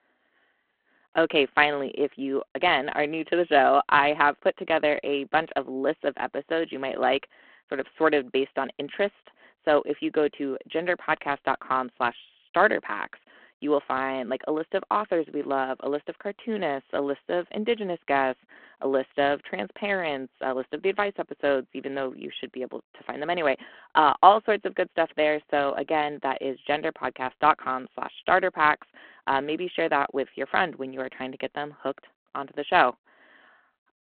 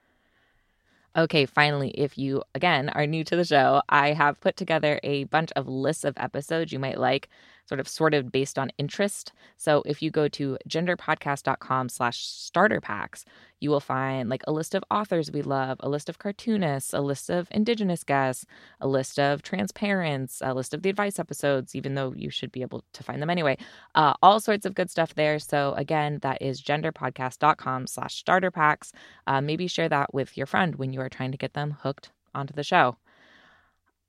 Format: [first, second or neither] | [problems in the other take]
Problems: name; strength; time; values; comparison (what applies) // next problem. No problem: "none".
second | phone-call audio